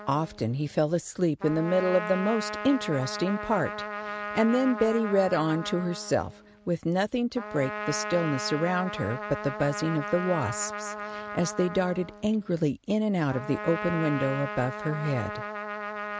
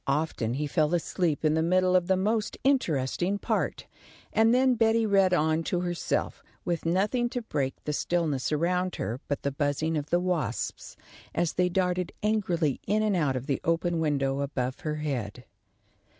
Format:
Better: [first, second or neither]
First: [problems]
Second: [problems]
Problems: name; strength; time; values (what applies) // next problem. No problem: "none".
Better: second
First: background sound (Trumpet); 9 dB below the speech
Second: none